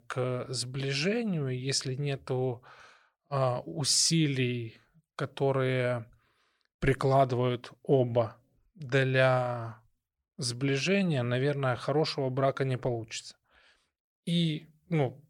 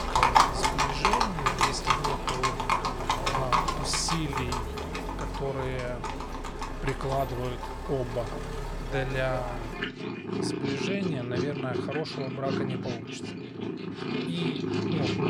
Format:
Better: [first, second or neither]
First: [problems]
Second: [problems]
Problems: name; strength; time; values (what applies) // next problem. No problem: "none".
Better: first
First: none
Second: animal sounds; very loud; throughout; 4 dB above the speech